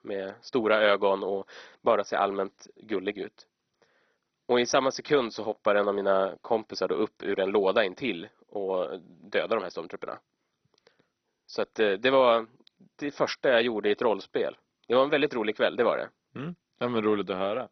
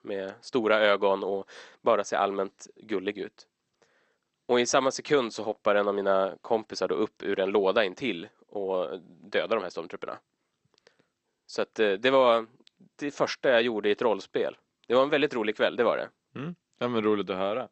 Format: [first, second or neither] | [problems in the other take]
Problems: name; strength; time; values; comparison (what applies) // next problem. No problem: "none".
second | garbled, watery; badly; nothing above 6 kHz; slightly in the second